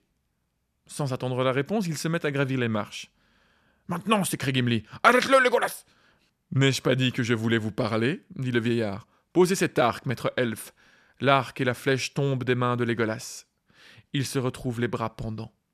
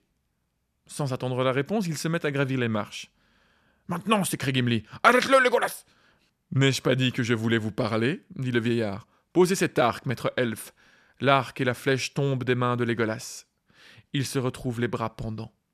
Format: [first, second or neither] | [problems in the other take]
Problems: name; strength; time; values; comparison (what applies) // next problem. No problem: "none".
neither | none